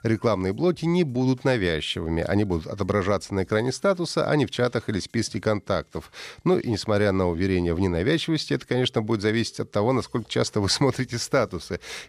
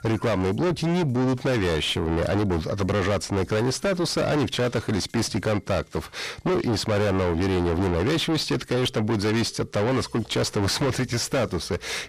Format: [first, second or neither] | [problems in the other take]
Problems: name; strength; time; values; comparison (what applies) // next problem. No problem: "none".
first | distortion; heavy; 6 dB below the speech